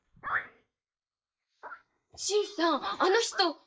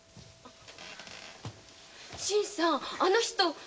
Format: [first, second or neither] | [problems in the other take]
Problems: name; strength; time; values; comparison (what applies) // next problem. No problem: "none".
second | noise reduction (neural mask model Resemble Enhance denoiser)